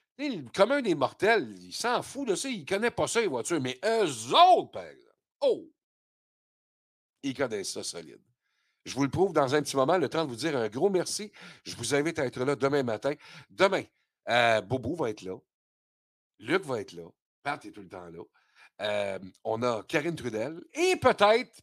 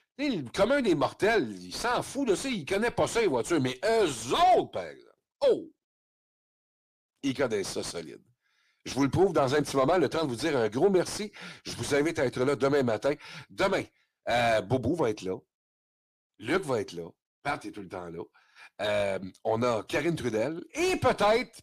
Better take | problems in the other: first | distortion; heavy; 7 dB below the speech

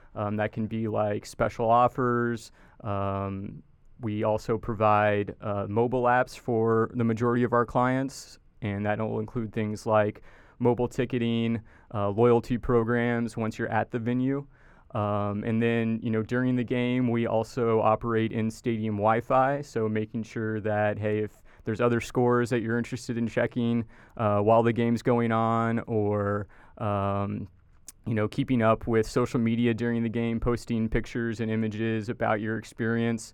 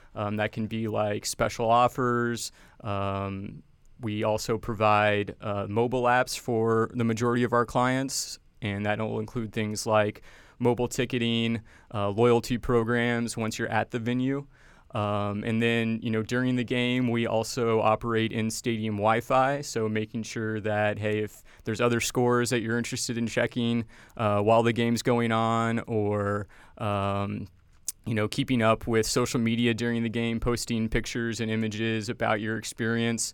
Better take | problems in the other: second | muffled; slightly; fading above 2.5 kHz

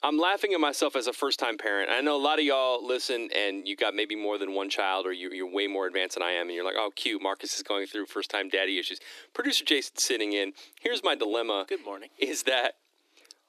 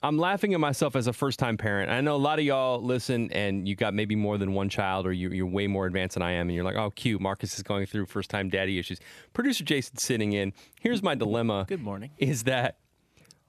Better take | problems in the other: second | thin; somewhat; fading below 300 Hz

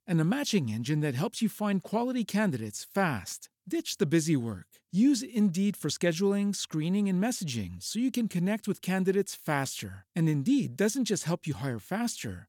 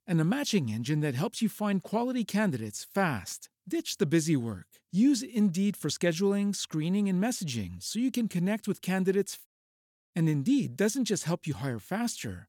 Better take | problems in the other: first | audio cutting out; at 9.5 s for 0.5 s

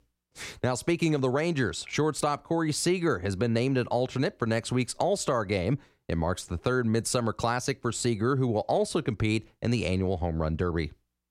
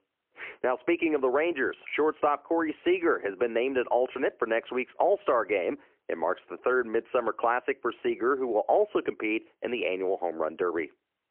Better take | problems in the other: first | phone-call audio; poor line; nothing above 3 kHz

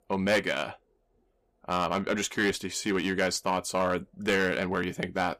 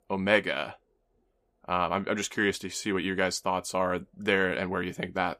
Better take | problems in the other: second | distortion; slight; 5% of the sound clipped

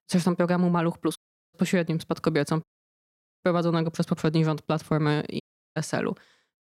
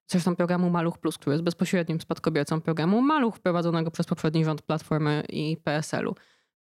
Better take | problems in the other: second | audio cutting out; at 1 s, at 2.5 s for 1 s and at 5.5 s

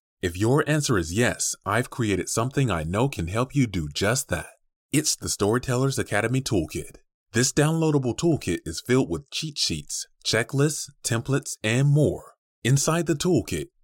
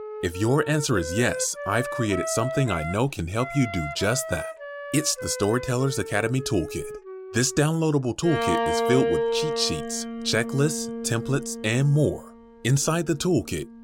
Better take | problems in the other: first | background music; loud; throughout; 6 dB below the speech

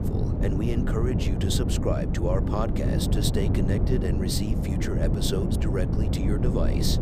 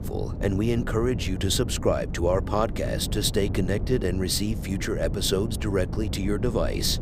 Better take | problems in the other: second | wind noise on the microphone; heavy; 2 dB below the speech; occasional gusts in the second

